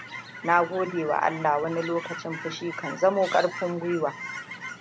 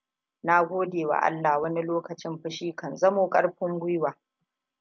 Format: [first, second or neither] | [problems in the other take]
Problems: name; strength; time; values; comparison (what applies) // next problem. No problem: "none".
second | background sound (Chirp, tweet / Fowl); 12 dB below the speech